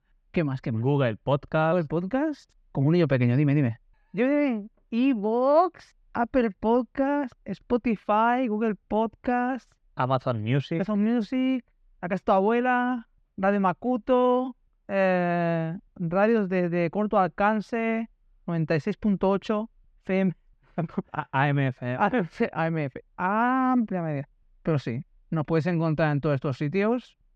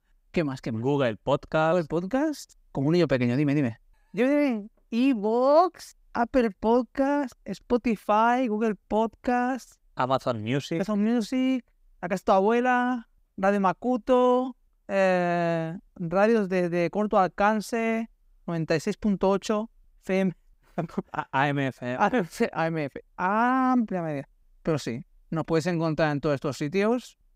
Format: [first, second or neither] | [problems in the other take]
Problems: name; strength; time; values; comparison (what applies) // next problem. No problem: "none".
second | muffled; slightly; fading above 3 kHz